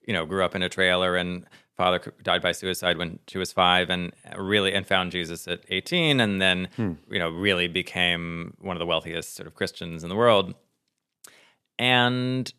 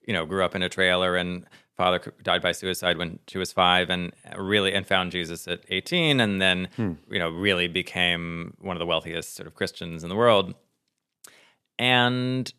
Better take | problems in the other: neither | none

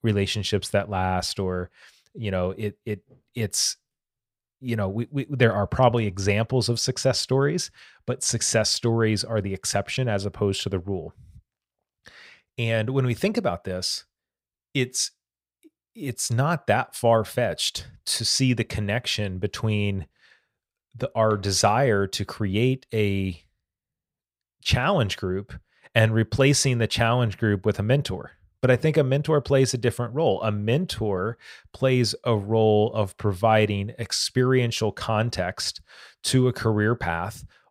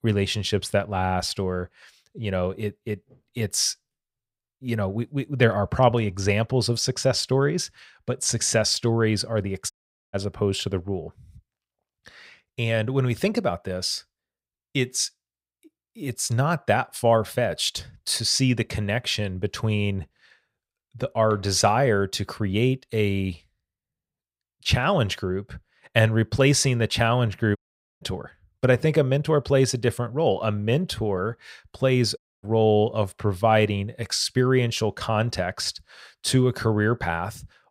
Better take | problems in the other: first | audio cutting out; at 9.5 s, at 28 s and at 32 s

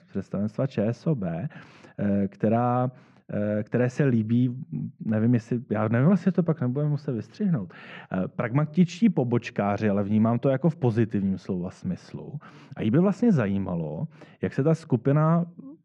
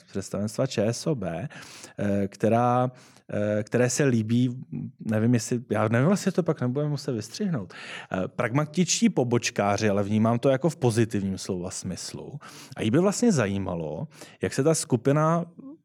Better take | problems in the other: second | muffled; very; fading above 2.5 kHz

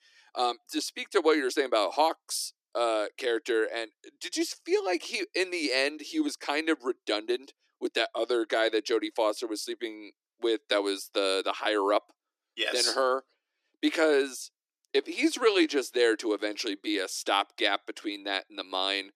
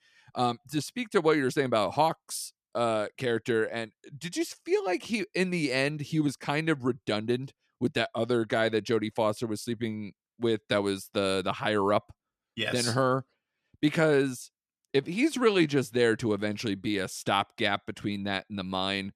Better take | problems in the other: second | thin; somewhat; fading below 300 Hz

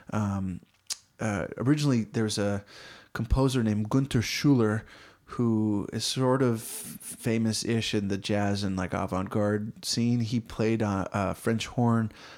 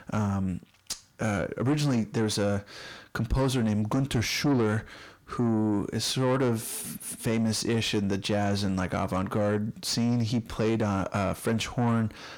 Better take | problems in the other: first | distortion; slight; 10 dB below the speech

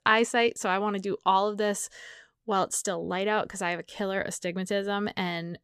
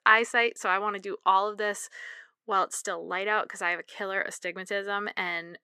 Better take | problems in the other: first | thin; somewhat; fading below 350 Hz

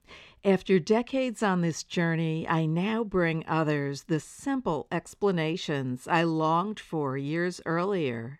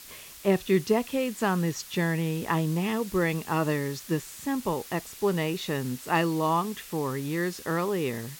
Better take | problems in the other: first | hiss; noticeable; throughout; 15 dB below the speech

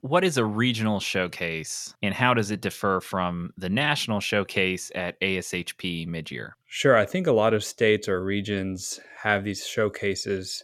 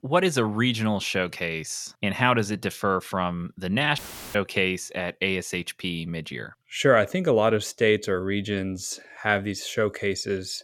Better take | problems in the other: first | audio cutting out; filled with static; at 4 s

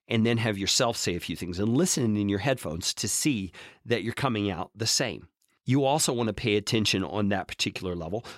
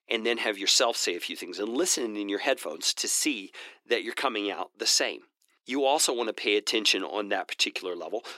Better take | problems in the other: first | thin; somewhat; fading below 300 Hz

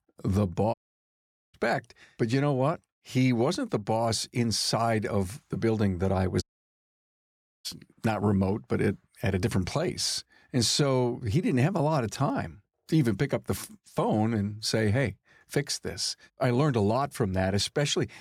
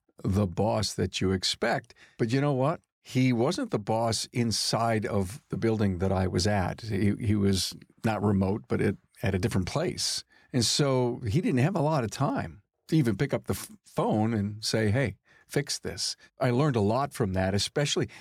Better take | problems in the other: second | audio cutting out; at 0.5 s for 1 s and at 6.5 s for 1 s

